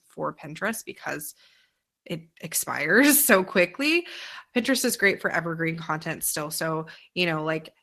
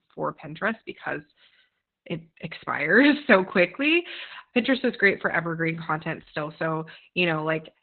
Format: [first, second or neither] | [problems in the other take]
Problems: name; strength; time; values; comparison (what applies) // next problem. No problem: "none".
first | garbled, watery; badly; nothing above 4 kHz; slightly in the first